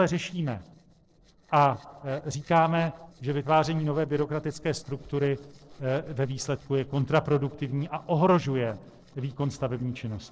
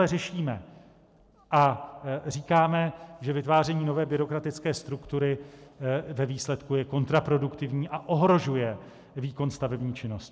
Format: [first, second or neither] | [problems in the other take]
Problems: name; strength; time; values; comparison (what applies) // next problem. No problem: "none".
second | noise reduction (neural separator model SepFormer DNS4)